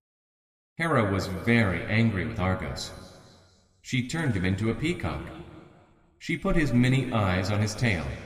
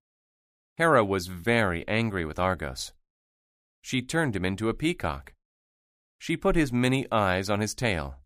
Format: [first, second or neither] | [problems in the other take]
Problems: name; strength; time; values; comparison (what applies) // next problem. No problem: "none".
second | room echo; slight; dies away in 1.9 s